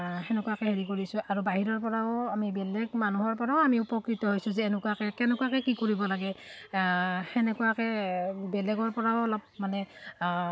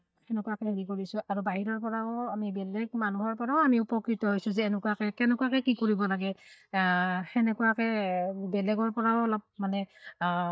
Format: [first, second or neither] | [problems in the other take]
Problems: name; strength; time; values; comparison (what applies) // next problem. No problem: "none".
first | noise reduction (neural mask model DeepFilterNet 3)